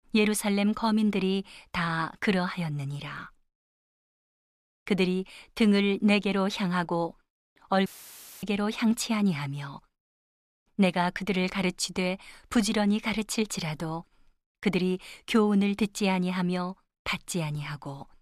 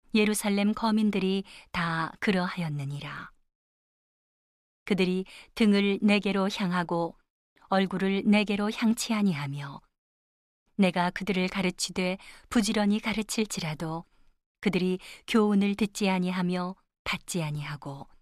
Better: second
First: audio cutting out; filled with static; at 8 s for 0.5 s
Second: none

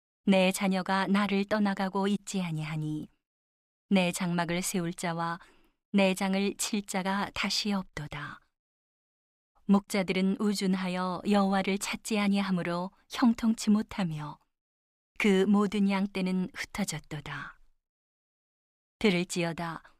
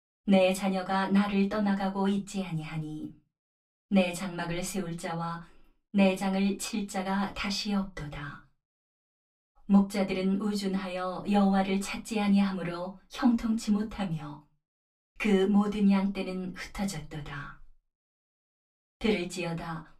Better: first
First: none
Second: off-mic speech; far // room echo; very slight; dies away in 0.2 s

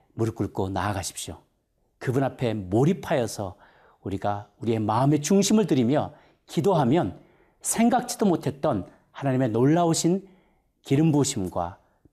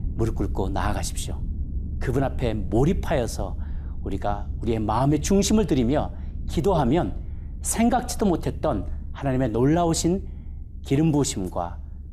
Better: first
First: none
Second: low rumble; faint; throughout; 25 dB below the speech

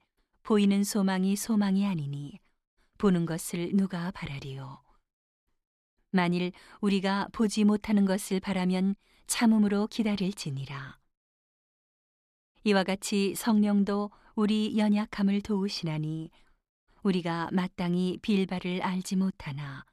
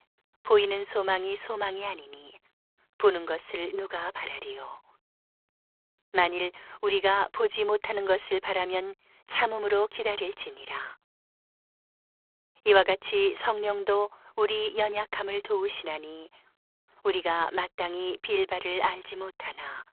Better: first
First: none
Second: phone-call audio; poor line

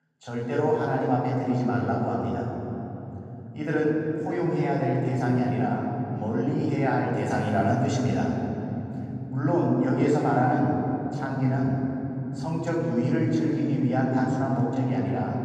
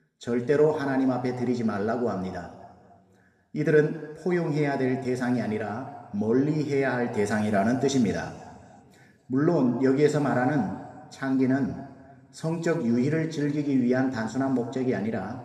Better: second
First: room echo; strong; dies away in 3 s // off-mic speech; far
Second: room echo; slight; dies away in 1.6 s // off-mic speech; somewhat distant

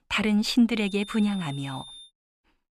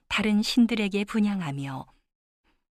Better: second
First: high-pitched whine; noticeable; from 1 to 2 s; 3.5 kHz, 20 dB below the speech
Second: none

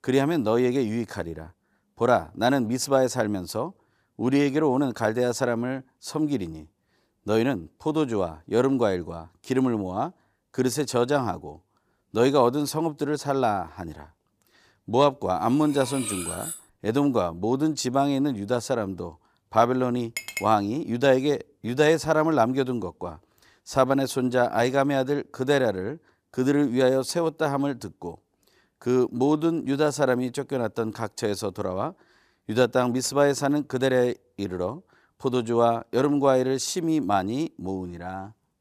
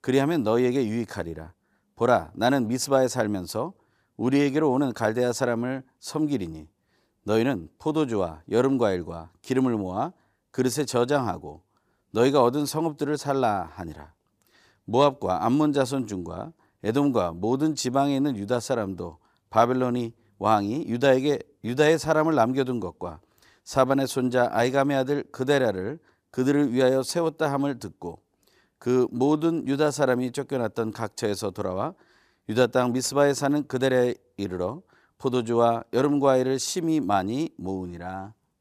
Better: second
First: clattering dishes; noticeable; from 15 to 17 s and at 20 s; peak 6 dB below the speech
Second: none

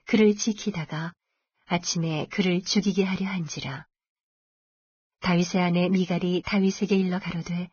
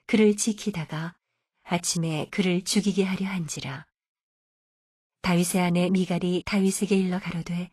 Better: second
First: garbled, watery; badly; nothing above 6.5 kHz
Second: garbled, watery; slightly; nothing above 11.5 kHz

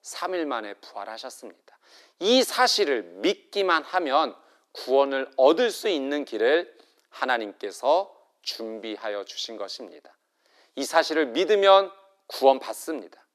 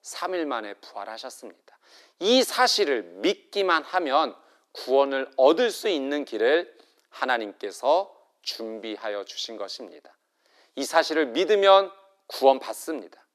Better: neither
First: thin; somewhat; fading below 300 Hz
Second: thin; somewhat; fading below 300 Hz

